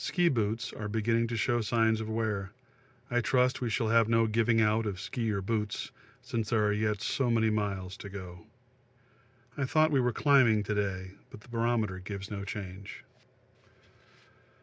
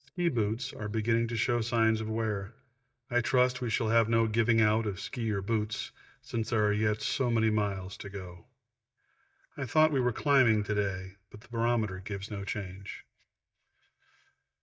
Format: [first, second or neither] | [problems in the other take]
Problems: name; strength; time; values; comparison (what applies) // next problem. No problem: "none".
first | noise reduction (neural mask model DeepFilterNet 3)